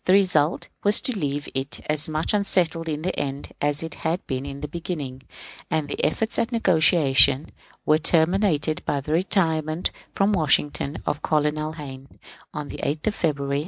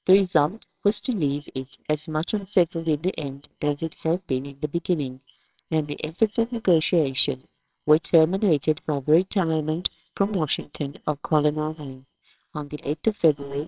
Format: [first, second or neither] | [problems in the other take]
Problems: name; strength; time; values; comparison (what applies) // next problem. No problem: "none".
first | noise reduction (neural separator model SepFormer WHAMR!)